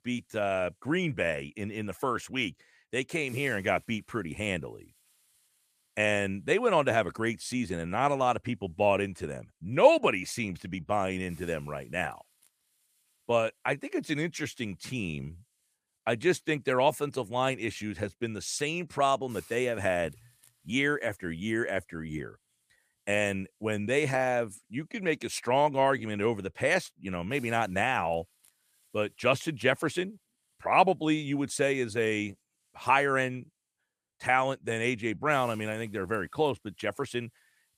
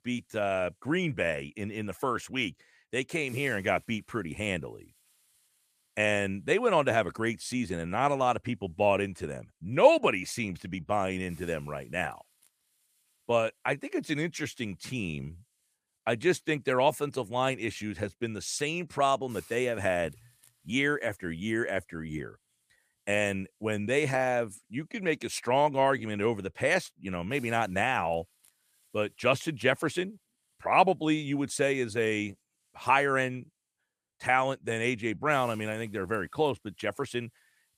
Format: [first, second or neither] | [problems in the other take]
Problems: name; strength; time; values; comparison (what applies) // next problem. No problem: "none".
neither | hiss; faint; throughout; 30 dB below the speech; the same in both